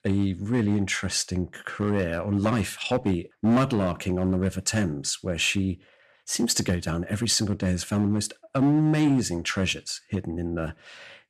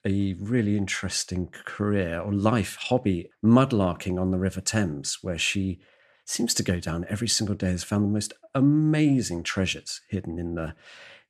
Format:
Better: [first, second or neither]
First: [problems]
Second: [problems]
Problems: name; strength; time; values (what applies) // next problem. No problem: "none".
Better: second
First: distortion; slight; 5% of the sound clipped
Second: none